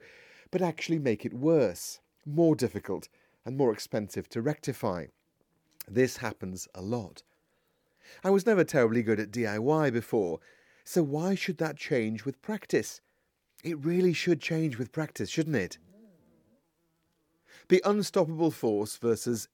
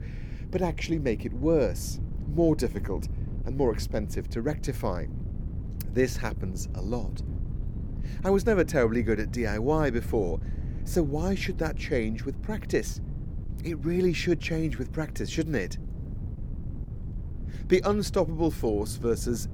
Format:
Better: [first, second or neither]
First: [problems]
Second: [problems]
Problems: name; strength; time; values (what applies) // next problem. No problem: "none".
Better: first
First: none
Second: wind noise on the microphone; occasional gusts; 20 dB below the speech